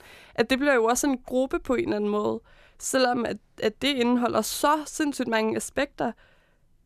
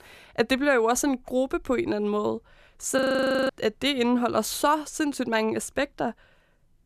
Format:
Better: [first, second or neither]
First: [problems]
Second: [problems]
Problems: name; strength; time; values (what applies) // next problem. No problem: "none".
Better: first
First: none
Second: audio freezing; at 3 s for 0.5 s